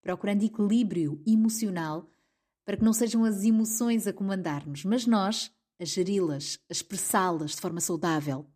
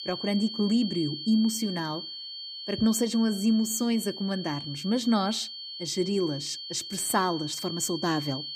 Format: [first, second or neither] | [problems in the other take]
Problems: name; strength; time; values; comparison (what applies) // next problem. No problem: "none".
first | high-pitched whine; loud; throughout; 4.5 kHz, 8 dB below the speech